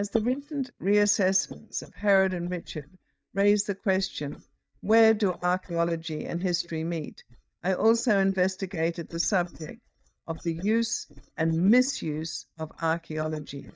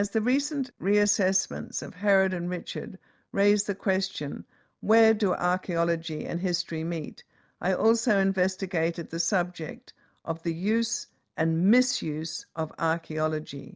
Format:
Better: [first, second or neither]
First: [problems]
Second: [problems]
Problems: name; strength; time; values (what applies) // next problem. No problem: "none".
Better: second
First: noise reduction (neural mask model DeepFilterNet 3)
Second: none